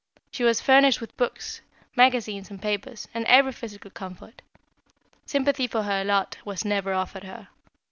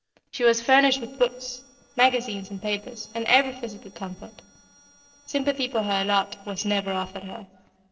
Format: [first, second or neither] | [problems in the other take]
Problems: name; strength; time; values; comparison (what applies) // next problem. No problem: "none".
first | noise reduction (neural separator model SepFormer DNS4)